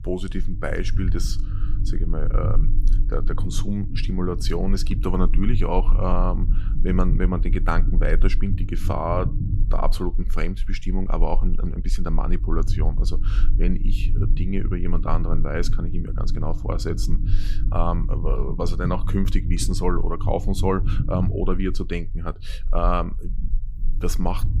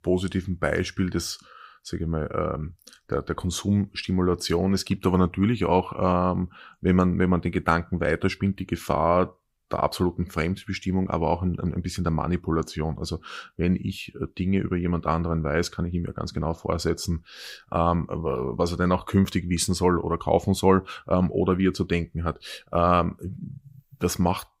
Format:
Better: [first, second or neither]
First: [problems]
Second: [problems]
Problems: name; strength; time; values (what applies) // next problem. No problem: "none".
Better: second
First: low rumble; noticeable; throughout; 15 dB below the speech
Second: none